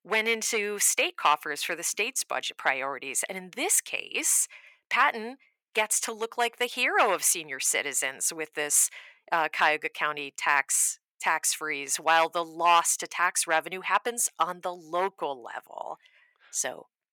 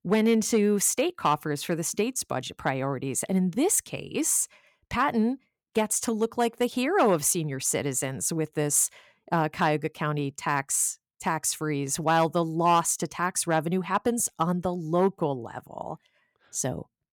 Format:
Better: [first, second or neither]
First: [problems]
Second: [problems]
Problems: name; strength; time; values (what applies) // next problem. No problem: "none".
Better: second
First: thin; very; fading below 650 Hz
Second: none